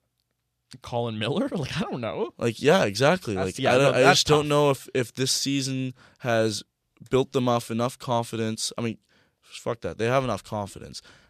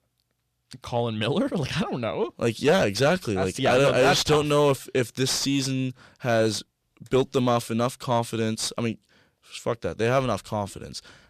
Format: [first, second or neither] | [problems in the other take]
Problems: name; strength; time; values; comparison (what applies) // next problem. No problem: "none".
first | distortion; slight; 10 dB below the speech